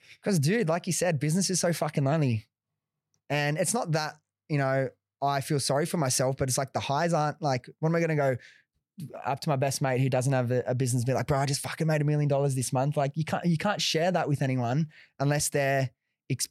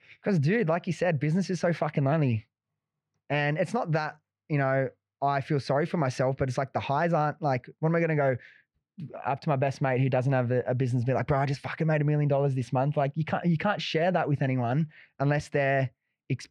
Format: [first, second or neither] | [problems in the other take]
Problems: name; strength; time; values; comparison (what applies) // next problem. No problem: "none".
first | muffled; slightly; fading above 2.5 kHz